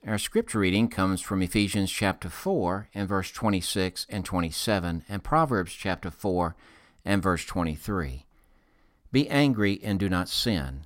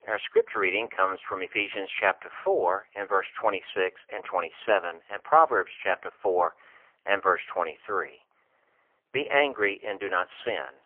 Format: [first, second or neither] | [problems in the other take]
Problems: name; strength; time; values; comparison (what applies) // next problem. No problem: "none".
first | phone-call audio; poor line; nothing above 3 kHz